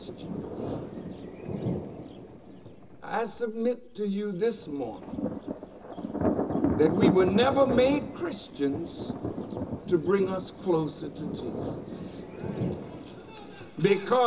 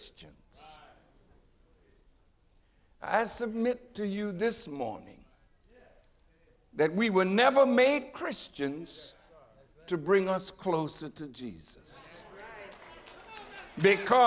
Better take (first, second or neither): second